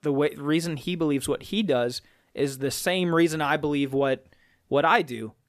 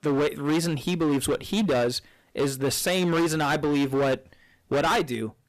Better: first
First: none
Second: distortion; heavy; 20% of the sound clipped

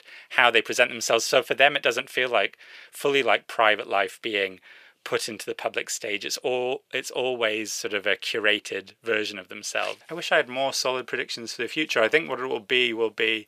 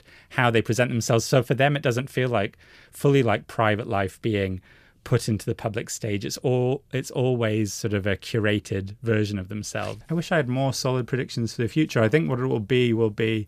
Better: second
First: thin; very; fading below 550 Hz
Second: none

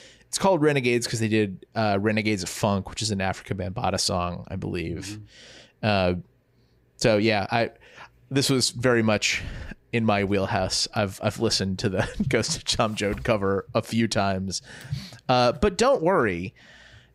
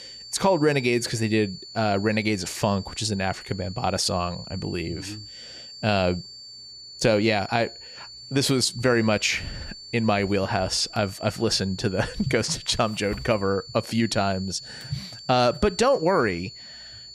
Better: first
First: none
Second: high-pitched whine; noticeable; throughout; 4.5 kHz, 15 dB below the speech

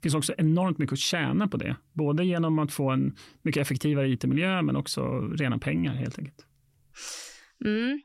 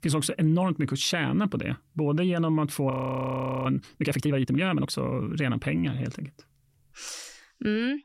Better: first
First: none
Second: audio freezing; at 3 s for 1 s

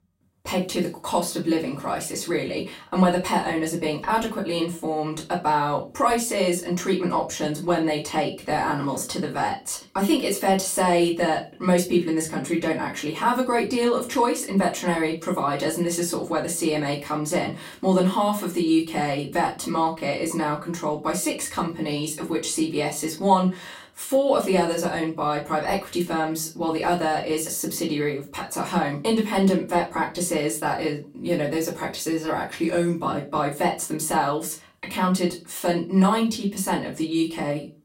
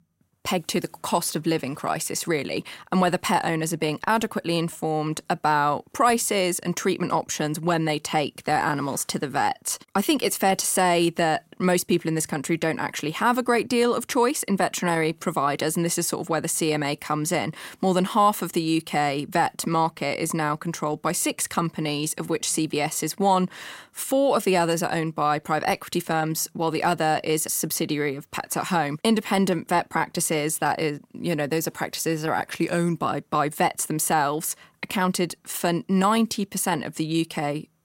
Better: second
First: off-mic speech; far // room echo; very slight; dies away in 0.3 s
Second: none

